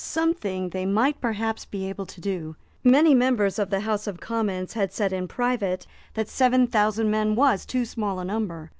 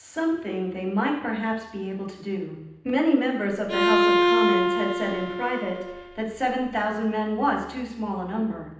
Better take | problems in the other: first | background sound (Bowed string instrument); 3 dB above the speech // room echo; dies away in 0.9 s

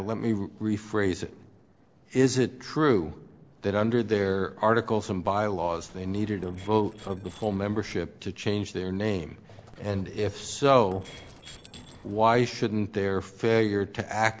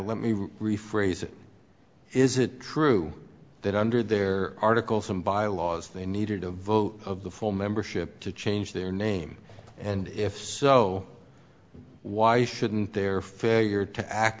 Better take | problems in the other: second | noise reduction (neural separator model SepFormer DNS4)

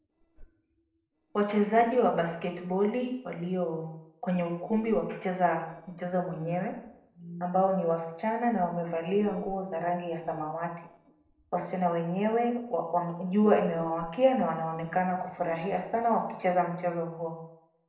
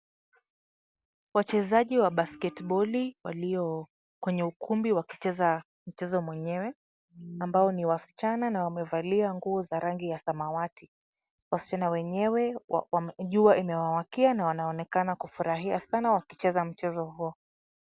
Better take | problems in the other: second | noise reduction (neural separator model SepFormer DNS4)

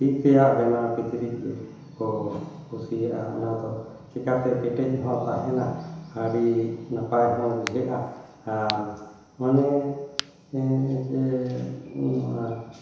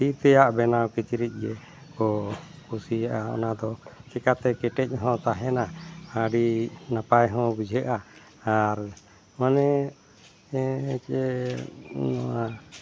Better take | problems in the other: second | background sound (Crack); 14 dB below the speech // room echo; dies away in 1 s

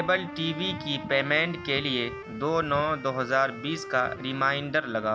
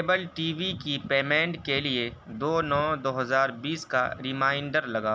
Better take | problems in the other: second | background sound (Piano + Wind instrument, woodwind instrument); 13 dB below the speech

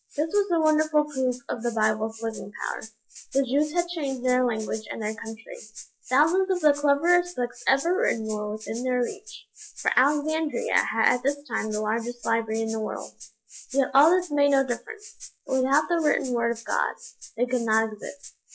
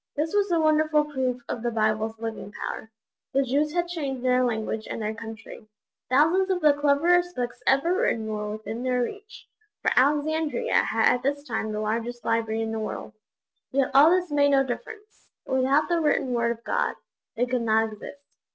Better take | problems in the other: second | noise reduction (classical method log-MMSE)

